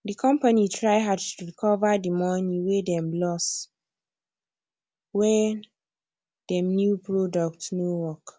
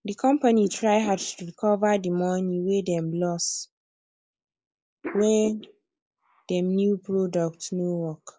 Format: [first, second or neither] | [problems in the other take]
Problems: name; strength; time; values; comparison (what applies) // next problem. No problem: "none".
first | noise reduction (neural mask model Resemble Enhance denoiser)